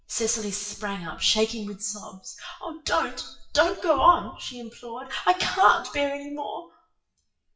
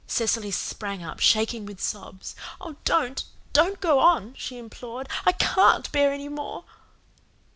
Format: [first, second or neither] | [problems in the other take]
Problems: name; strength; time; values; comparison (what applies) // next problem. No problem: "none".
second | noise reduction (classical method WPE with log-MMSE)